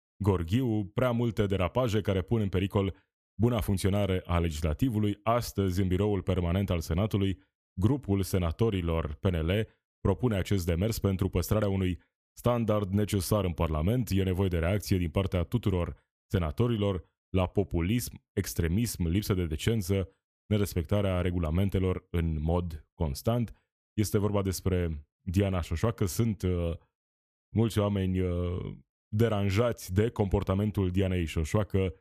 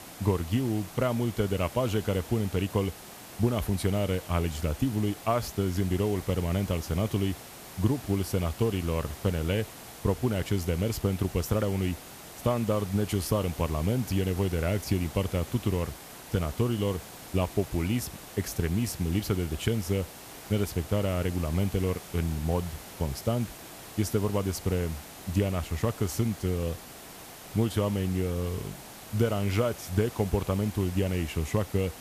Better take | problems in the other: first | hiss; noticeable; throughout; 15 dB below the speech

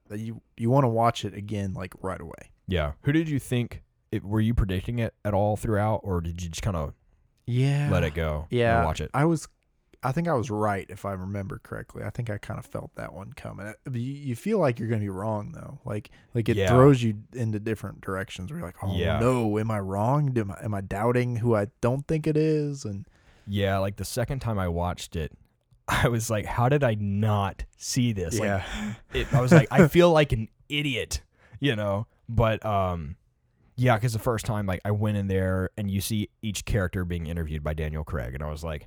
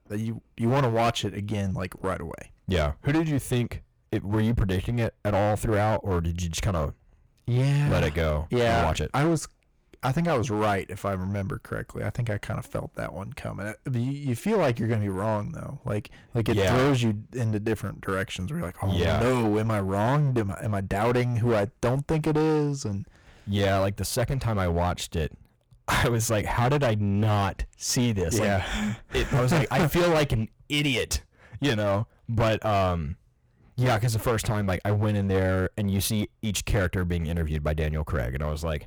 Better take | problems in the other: first | distortion; heavy; 14% of the sound clipped

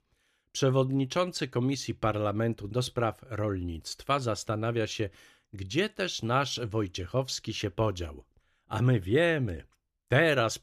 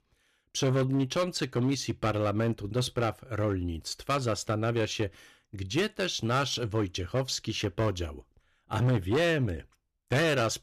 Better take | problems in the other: first | distortion; slight; 8% of the sound clipped

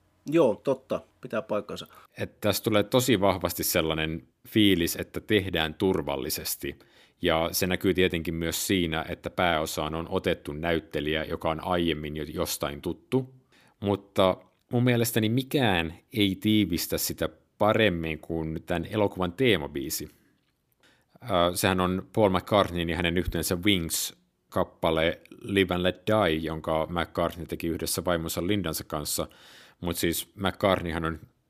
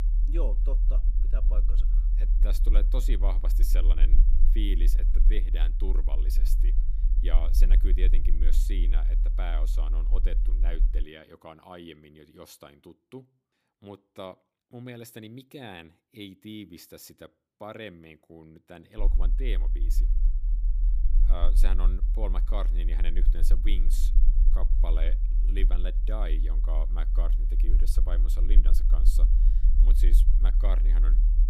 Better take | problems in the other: first | low rumble; loud; until 11 s and from 19 s on; 8 dB below the speech

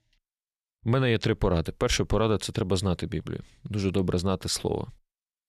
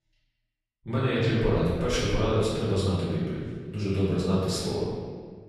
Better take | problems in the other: first | off-mic speech; far // room echo; strong; dies away in 1.5 s

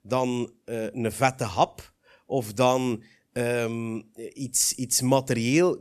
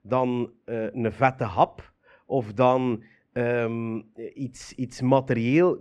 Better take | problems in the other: first | muffled; very; fading above 2 kHz

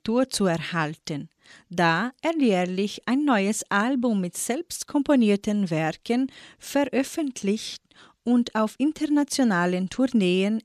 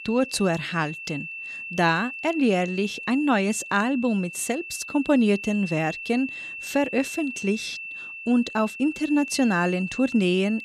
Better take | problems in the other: first | high-pitched whine; loud; throughout; 2.5 kHz, 10 dB below the speech

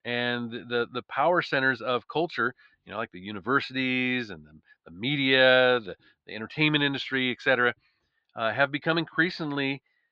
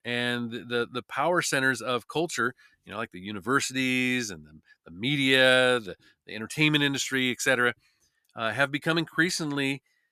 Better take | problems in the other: second | muffled; slightly; fading above 4 kHz

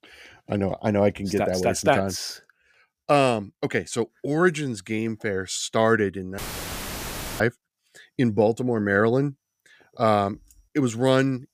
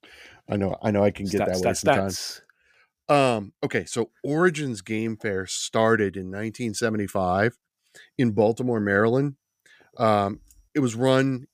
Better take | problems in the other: second | audio cutting out; filled with static; at 6.5 s for 1 s

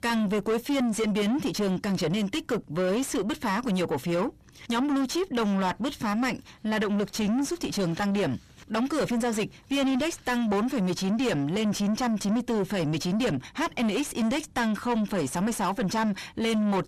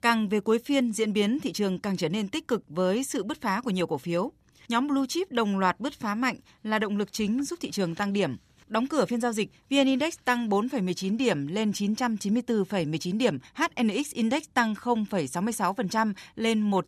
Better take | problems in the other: second | distortion; heavy; 6 dB below the speech

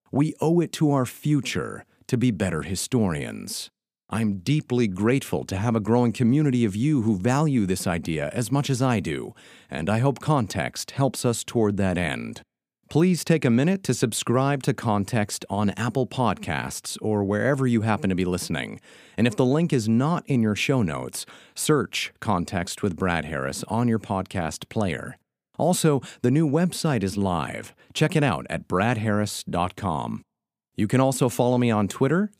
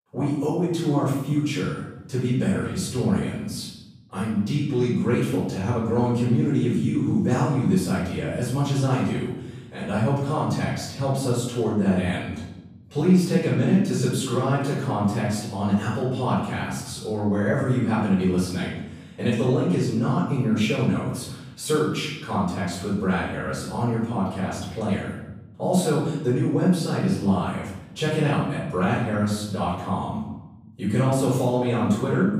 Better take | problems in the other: first | off-mic speech; far // room echo; noticeable; dies away in 0.9 s

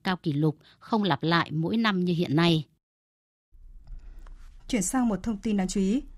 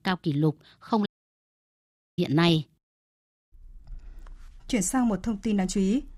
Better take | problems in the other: first | audio cutting out; at 1 s for 1 s

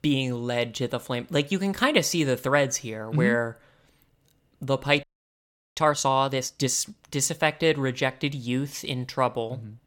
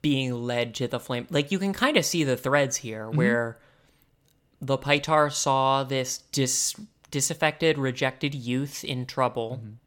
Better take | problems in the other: second | audio freezing; at 5 s for 0.5 s

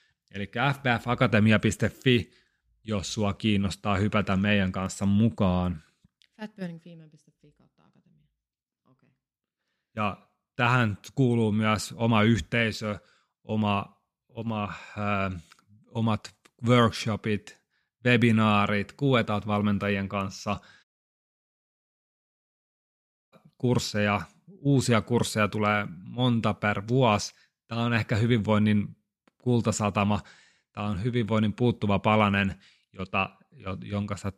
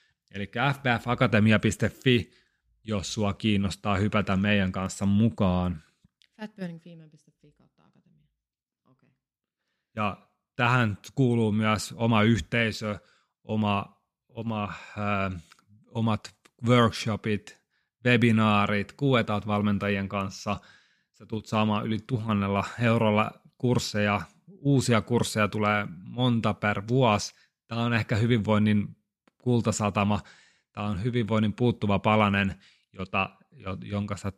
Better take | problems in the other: second | audio cutting out; at 21 s for 2.5 s

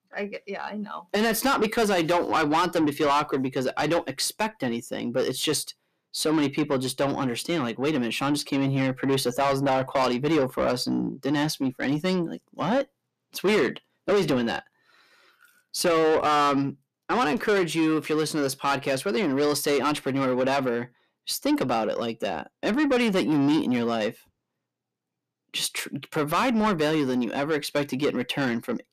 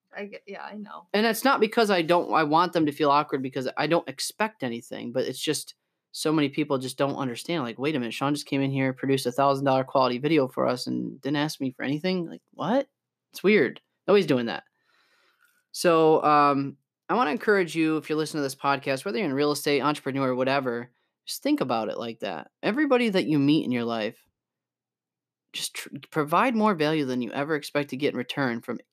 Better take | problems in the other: second | distortion; heavy; 8 dB below the speech

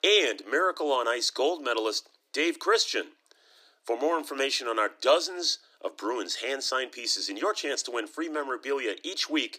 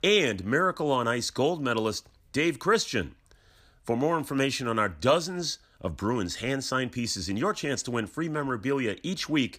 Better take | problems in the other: second | thin; somewhat; fading below 300 Hz

